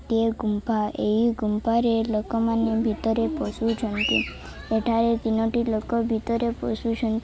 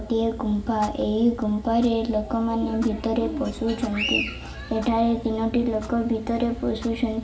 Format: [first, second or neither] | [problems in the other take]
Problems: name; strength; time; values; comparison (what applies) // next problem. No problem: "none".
first | background sound (Clock); 18 dB below the speech // room echo; dies away in 1.6 s